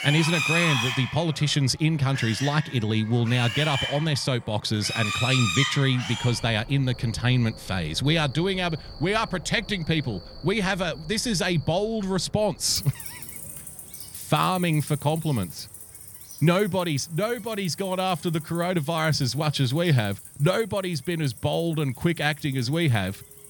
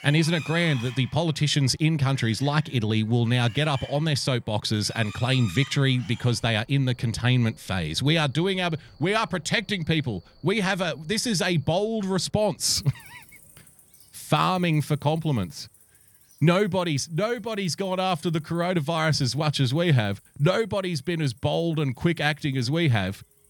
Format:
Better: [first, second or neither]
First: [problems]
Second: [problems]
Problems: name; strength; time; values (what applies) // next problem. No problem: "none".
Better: second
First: animal sounds; loud; throughout; 8 dB below the speech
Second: animal sounds; faint; throughout; 20 dB below the speech